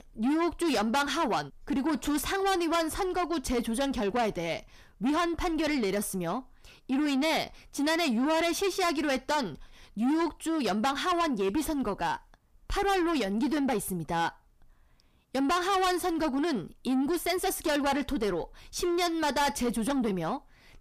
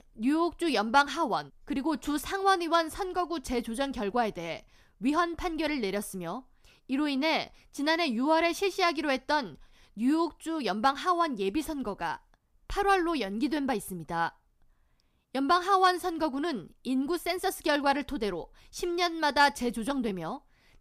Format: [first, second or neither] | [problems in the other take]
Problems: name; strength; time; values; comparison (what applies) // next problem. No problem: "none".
second | distortion; heavy; 7 dB below the speech